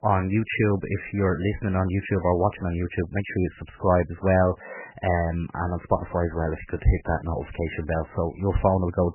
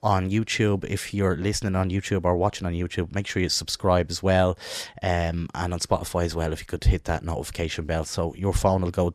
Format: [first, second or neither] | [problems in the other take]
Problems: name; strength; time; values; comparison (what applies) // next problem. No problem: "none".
second | garbled, watery; badly; nothing above 3 kHz